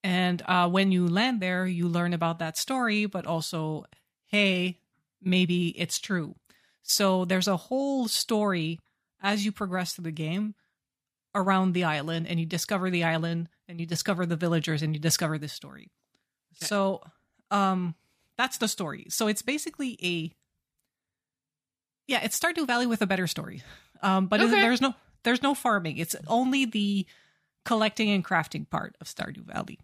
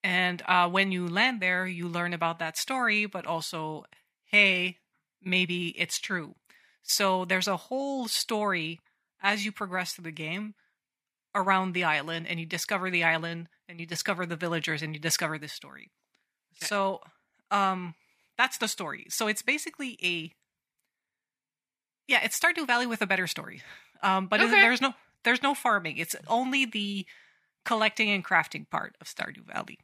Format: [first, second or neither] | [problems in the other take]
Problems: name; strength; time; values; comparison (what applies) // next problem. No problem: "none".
first | thin; somewhat; fading below 300 Hz